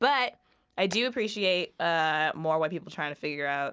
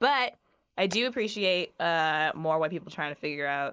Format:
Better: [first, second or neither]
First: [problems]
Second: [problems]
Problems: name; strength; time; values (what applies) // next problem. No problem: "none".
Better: first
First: none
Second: noise reduction (neural mask model Resemble Enhance denoiser)